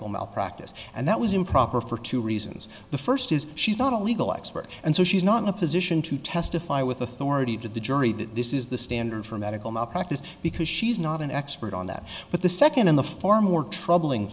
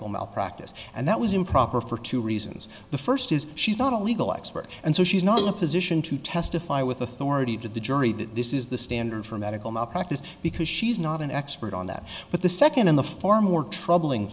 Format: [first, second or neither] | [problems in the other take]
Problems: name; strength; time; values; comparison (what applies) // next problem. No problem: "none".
first | background sound (Cowbell); 11 dB below the speech